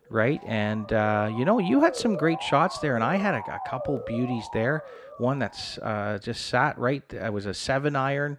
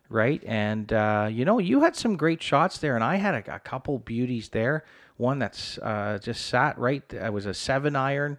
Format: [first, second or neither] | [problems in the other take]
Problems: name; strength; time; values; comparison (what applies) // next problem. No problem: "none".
second | siren; noticeable; until 6 s; peak 8 dB below the speech